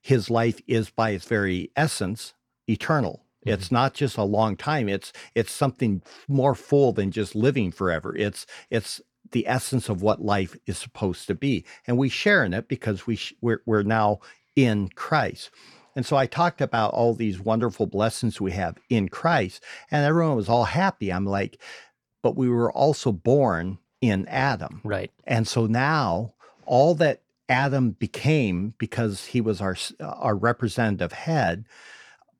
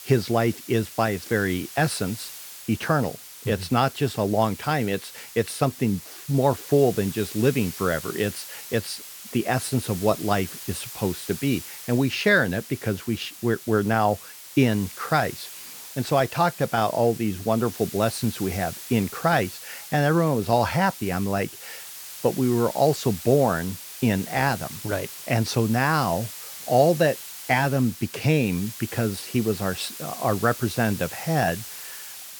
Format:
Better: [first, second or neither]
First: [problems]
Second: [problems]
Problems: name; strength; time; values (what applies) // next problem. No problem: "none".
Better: first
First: none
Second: hiss; noticeable; throughout; 10 dB below the speech